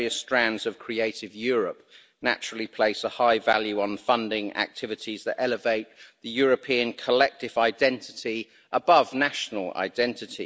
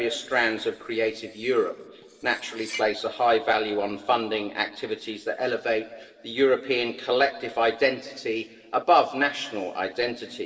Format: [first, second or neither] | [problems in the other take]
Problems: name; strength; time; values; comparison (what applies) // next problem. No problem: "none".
first | noise reduction (neural separator model SepFormer DNS4)